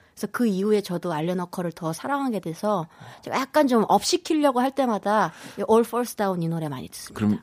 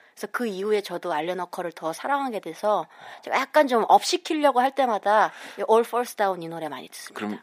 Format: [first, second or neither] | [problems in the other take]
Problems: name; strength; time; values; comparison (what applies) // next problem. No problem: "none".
first | thin; somewhat; fading below 350 Hz